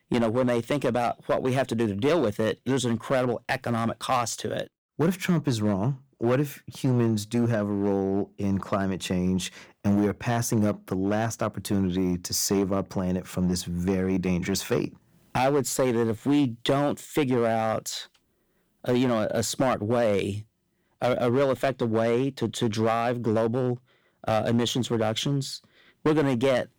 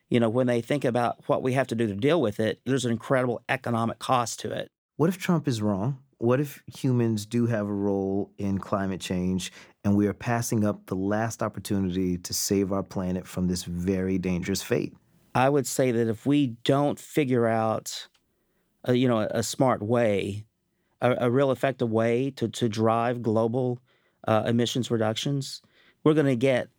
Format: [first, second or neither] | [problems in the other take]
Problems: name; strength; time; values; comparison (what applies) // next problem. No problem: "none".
second | distortion; slight; 5% of the sound clipped